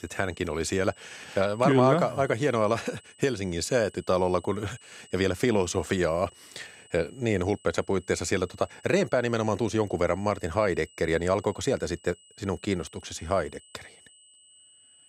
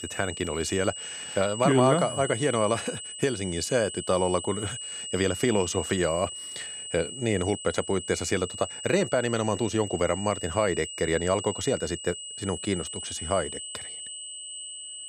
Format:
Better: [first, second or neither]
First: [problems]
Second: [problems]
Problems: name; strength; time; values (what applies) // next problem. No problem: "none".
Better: first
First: high-pitched whine; faint; throughout; 3 kHz, 25 dB below the speech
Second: high-pitched whine; loud; throughout; 3 kHz, 8 dB below the speech